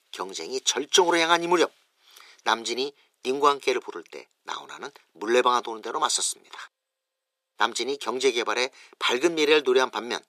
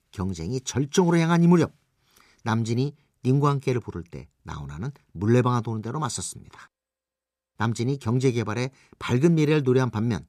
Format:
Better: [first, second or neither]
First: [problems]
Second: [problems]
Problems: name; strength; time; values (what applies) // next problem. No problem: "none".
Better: second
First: thin; very; fading below 400 Hz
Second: none